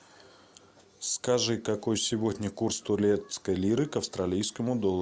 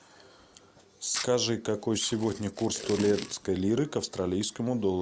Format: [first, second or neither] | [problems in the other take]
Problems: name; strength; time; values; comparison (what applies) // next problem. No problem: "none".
first | background sound (Packing tape, duct tape); 14 dB below the speech